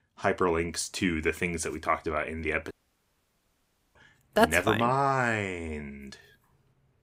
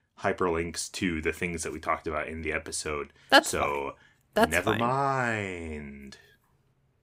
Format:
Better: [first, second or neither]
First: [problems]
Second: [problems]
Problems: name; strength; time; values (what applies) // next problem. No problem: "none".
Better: second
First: audio cutting out; at 2.5 s for 1 s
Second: none